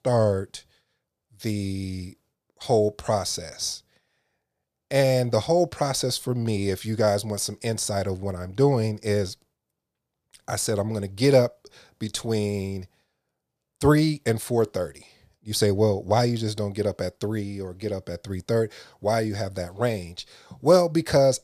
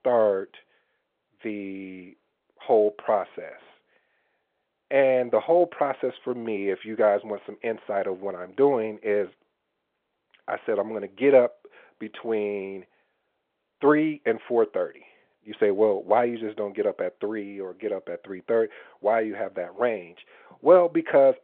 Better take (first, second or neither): first